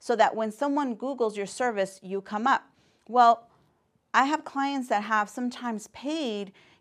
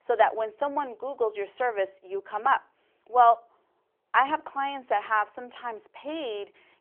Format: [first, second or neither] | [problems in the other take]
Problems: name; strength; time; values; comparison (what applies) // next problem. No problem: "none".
first | phone-call audio; nothing above 3.5 kHz